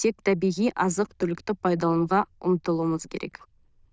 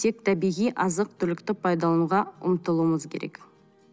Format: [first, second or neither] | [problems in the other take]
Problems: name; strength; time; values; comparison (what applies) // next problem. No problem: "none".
second | noise reduction (neural diffusion model UNIVERSE++)